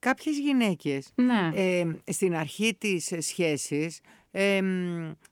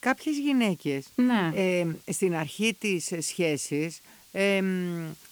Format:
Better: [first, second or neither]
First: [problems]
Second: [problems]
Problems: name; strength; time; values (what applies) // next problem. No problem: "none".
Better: first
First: none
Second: hiss; faint; throughout; 25 dB below the speech